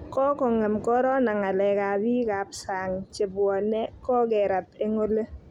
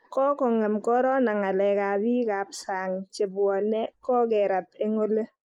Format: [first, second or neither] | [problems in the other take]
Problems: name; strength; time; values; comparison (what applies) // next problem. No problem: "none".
first | noise reduction (neural mask model Resemble Enhance denoiser)